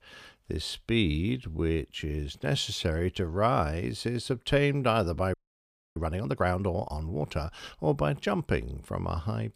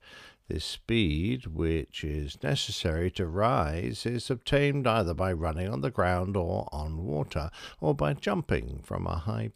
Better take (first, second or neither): second